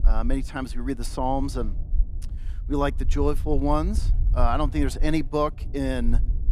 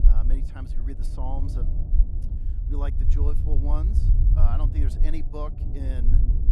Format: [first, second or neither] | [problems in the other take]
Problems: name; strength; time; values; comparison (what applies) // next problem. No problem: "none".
first | low rumble; loud; throughout; 4 dB below the speech; faint in the first